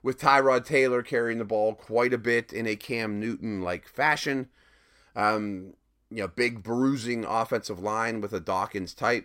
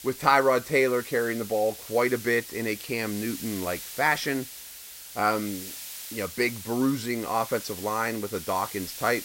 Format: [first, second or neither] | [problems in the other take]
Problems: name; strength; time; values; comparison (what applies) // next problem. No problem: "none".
first | hiss; noticeable; throughout; 10 dB below the speech